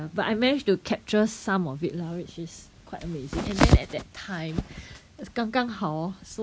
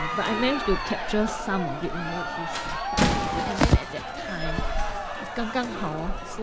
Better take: first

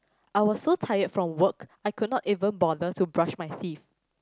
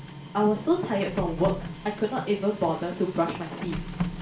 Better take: first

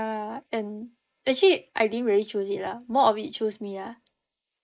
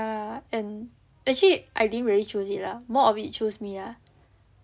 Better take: second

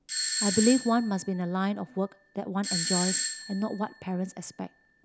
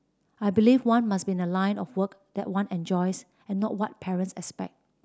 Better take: second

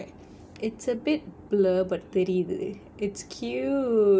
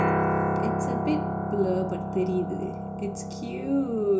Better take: first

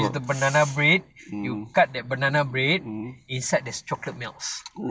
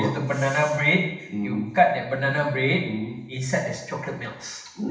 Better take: first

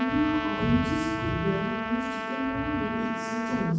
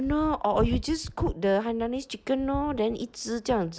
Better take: second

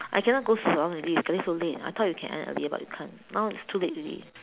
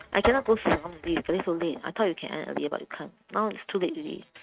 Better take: first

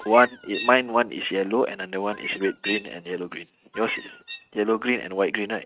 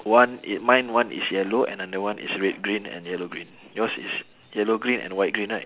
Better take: second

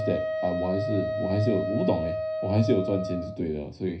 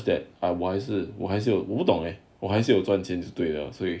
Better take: second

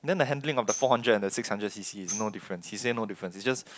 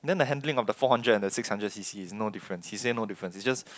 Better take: second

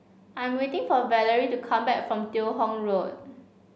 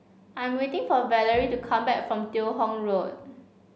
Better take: first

